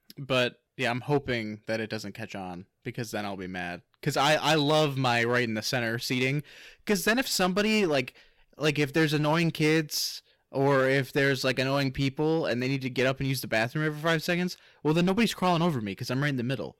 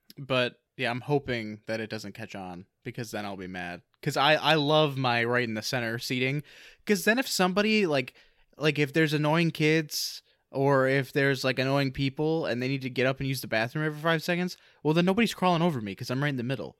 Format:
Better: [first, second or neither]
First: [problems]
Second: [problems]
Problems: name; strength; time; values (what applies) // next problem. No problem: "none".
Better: second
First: distortion; slight; 6% of the sound clipped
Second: none